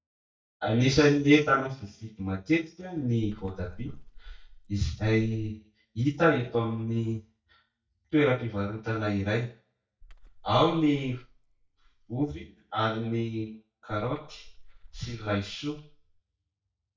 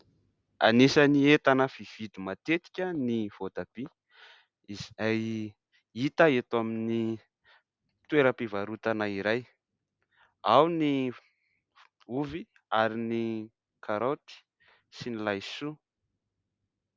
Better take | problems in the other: second | noise reduction (neural mask model DeepFilterNet 3)

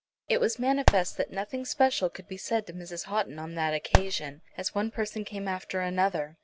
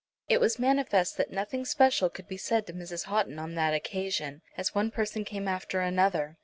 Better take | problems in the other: second | background sound (Fireworks); 1 dB above the speech

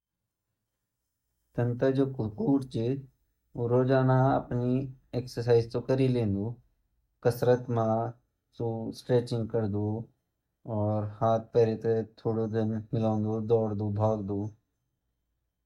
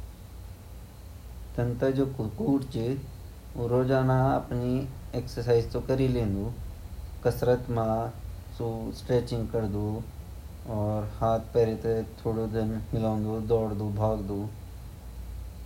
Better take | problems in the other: second | noise reduction (neural mask model DeepFilterNet 3)

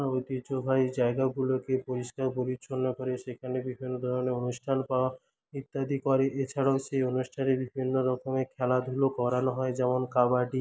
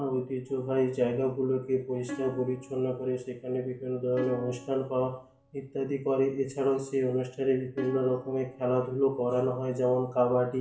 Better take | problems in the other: first | background sound (Plucked string instrument); 15 dB below the speech // room echo; dies away in 0.5 s

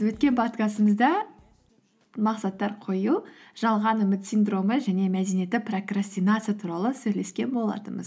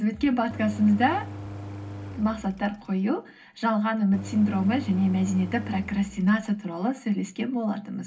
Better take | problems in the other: first | background sound (Engine); 13 dB below the speech // room echo; dies away in 0.4 s

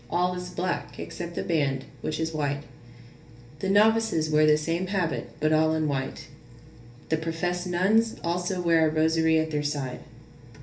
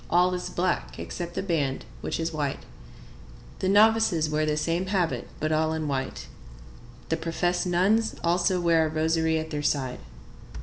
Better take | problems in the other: second | room echo; dies away in 0.3 s

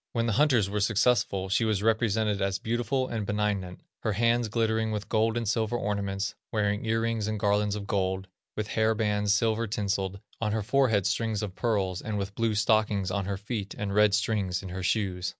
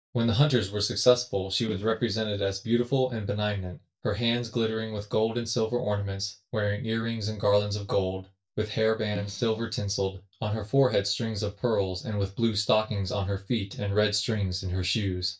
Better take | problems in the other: first | noise reduction (neural mask model DeepFilterNet 3)

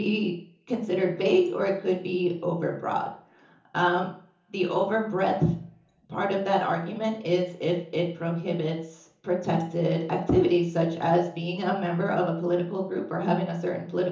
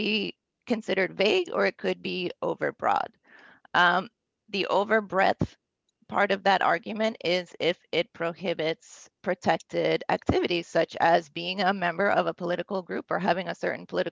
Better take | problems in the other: second | room echo; dies away in 0.7 s

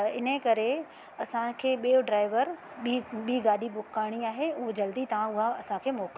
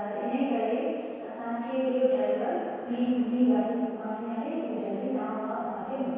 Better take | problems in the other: first | room echo; dies away in 2 s

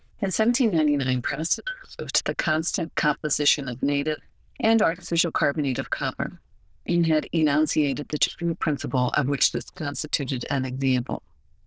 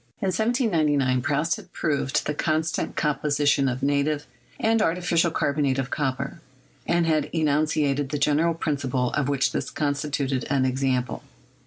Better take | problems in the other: second | noise reduction (neural diffusion model UNIVERSE++)

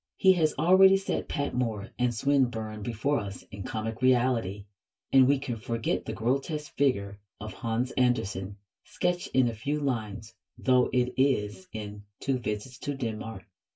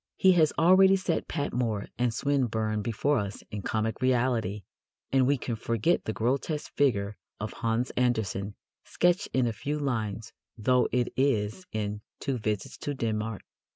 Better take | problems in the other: second | room echo; dies away in 0.1 s

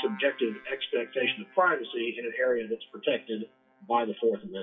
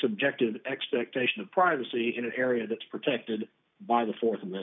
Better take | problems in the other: second | noise reduction (classical method WPE with log-MMSE)

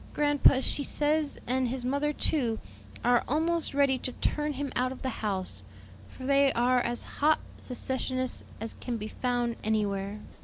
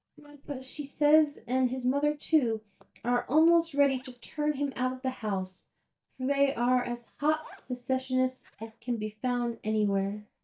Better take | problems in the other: first | noise reduction (neural mask model DeepFilterNet 3)

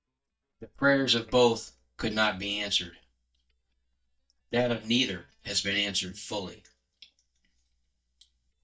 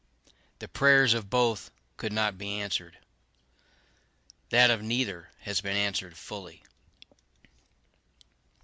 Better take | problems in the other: second | noise reduction (neural mask model DeepFilterNet 3)

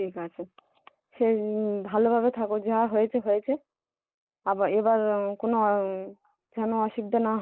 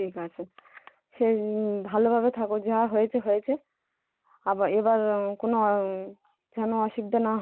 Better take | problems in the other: second | noise reduction (neural mask model Resemble Enhance denoiser)

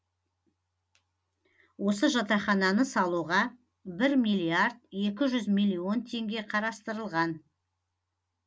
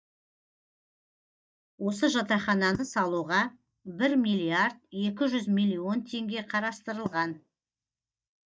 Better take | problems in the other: first | noise reduction (neural mask model DeepFilterNet 3)

